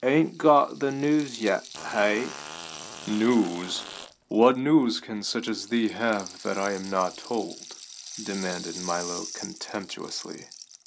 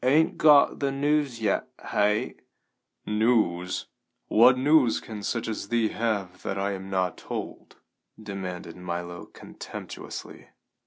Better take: second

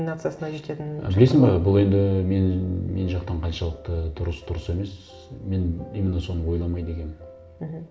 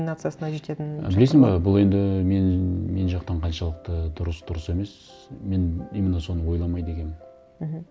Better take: second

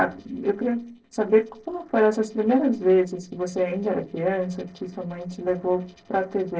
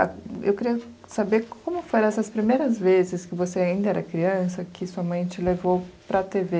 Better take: second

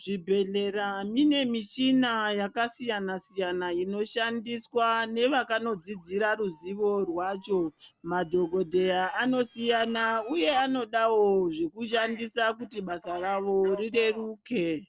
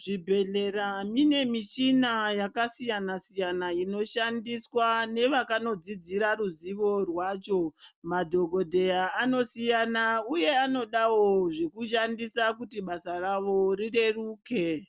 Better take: second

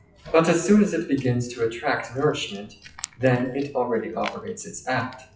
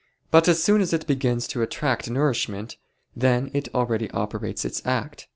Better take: second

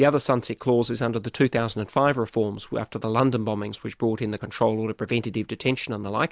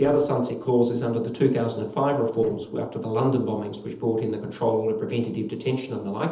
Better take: first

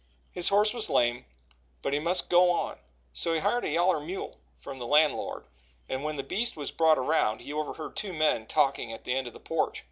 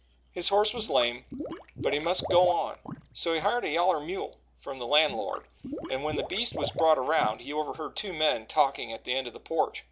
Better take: first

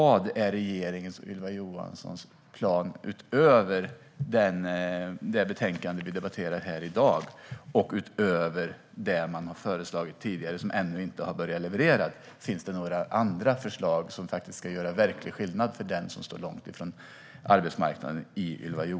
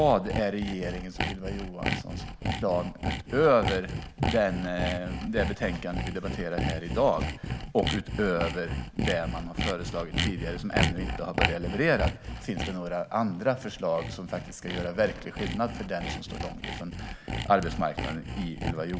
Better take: first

